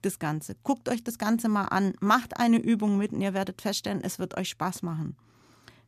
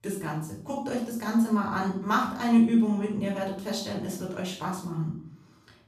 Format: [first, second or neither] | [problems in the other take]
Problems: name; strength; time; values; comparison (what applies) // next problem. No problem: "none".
first | off-mic speech; far // room echo; noticeable; dies away in 0.5 s